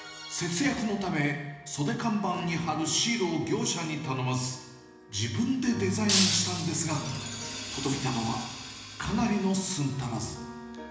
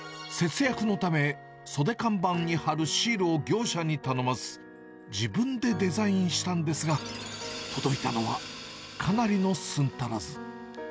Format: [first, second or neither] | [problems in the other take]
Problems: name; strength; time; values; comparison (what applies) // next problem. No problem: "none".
second | background sound (Shatter); 1 dB below the speech // room echo; dies away in 1 s